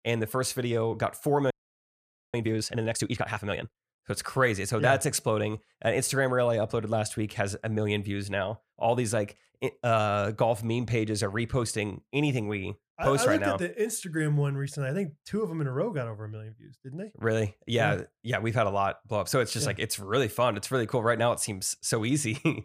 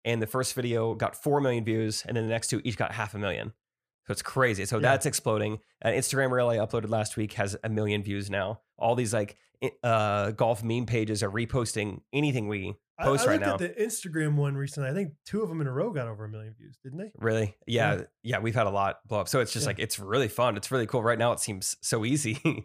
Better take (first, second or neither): second